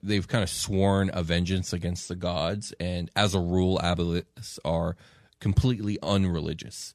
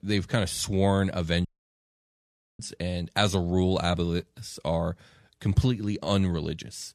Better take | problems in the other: first | audio cutting out; at 1.5 s for 1 s

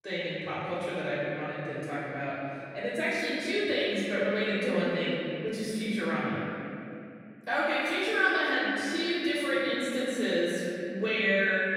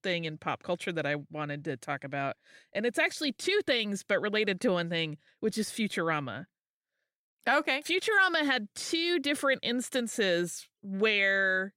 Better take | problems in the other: second | room echo; strong; dies away in 2.7 s // off-mic speech; far

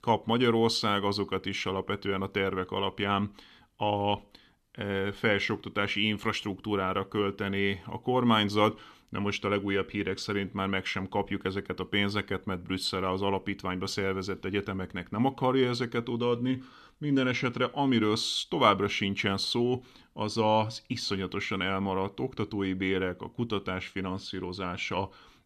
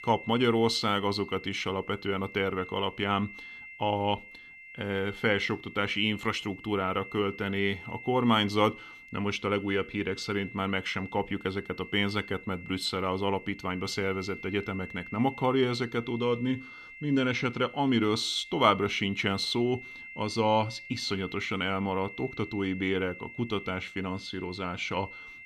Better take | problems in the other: first | high-pitched whine; noticeable; throughout; 2 kHz, 15 dB below the speech

